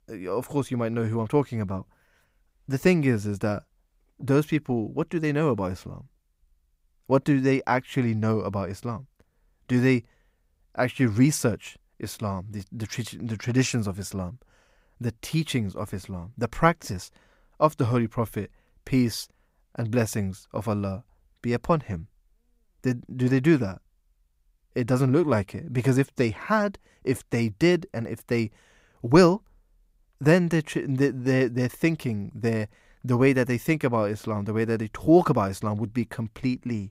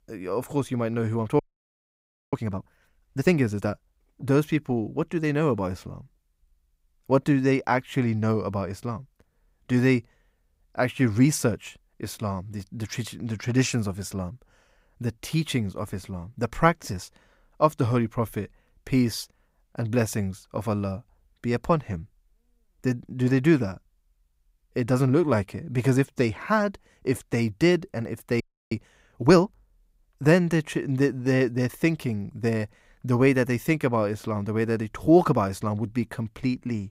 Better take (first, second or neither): first